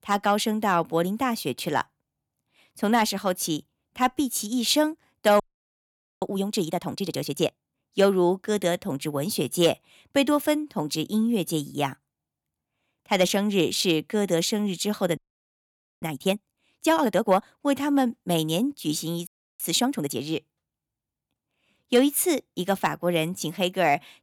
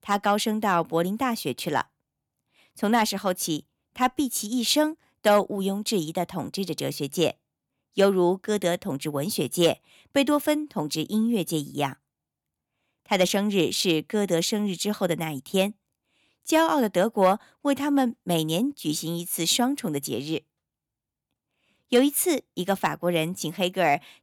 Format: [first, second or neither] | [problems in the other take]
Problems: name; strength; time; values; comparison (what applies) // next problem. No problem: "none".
second | audio freezing; at 5.5 s for 1 s, at 15 s for 1 s and at 19 s